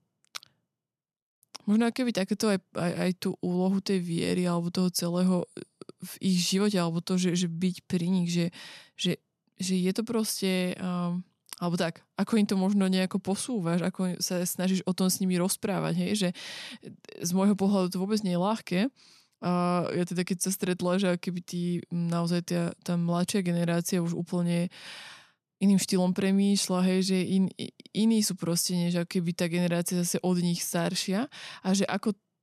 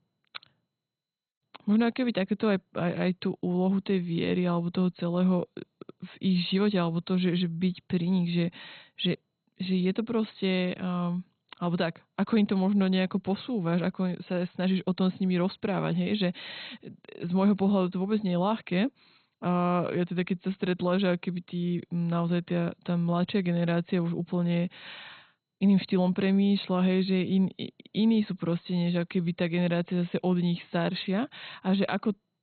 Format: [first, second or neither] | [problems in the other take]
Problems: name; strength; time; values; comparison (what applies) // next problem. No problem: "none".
first | garbled, watery; badly; nothing above 4 kHz